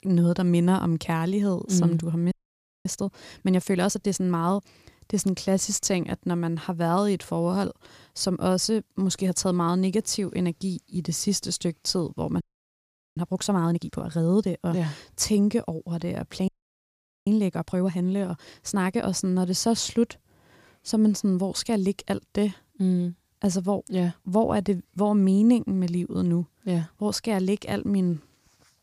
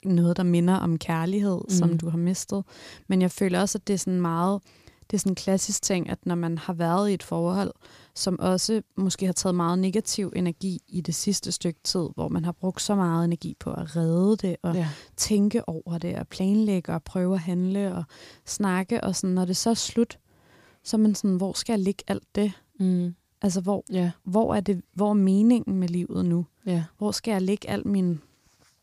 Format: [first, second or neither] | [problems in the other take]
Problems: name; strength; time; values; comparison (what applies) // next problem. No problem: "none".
second | audio freezing; at 2.5 s for 0.5 s, at 12 s for 1 s and at 16 s for 1 s